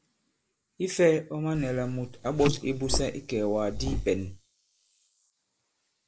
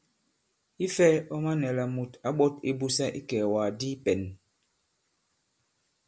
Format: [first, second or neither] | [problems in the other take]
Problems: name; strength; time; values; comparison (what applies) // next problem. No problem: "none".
second | noise reduction (neural mask model Resemble Enhance denoiser)